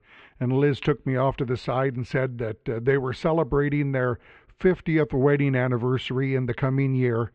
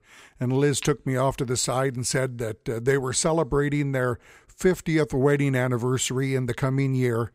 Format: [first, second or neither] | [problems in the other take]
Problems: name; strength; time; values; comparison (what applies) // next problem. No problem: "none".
second | muffled; very; fading above 3 kHz